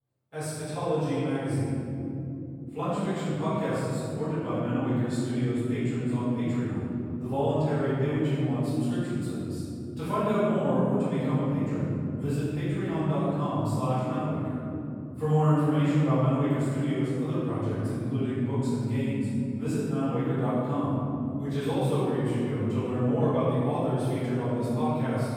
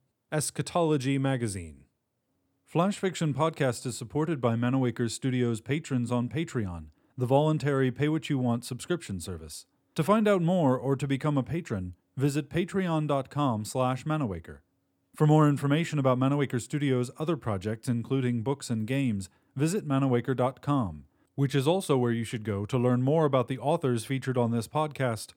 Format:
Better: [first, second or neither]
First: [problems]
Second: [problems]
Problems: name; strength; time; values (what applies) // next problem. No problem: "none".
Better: second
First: off-mic speech; far // room echo; strong; dies away in 3 s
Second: none